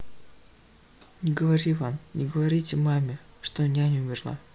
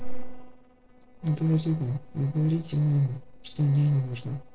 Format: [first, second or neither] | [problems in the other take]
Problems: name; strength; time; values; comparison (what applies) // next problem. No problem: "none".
first | noise reduction (neural separator model SepFormer DNS4)